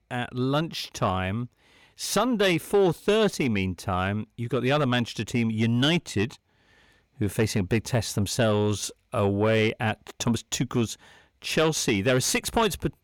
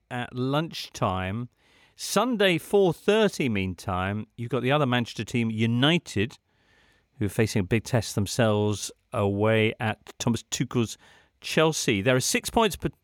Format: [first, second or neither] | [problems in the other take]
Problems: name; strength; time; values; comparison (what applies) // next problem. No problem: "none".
second | distortion; slight; 10 dB below the speech